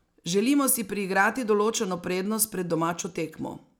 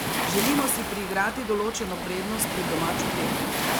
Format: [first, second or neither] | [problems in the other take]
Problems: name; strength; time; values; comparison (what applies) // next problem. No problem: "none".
first | background sound (Waves, surf); 1 dB above the speech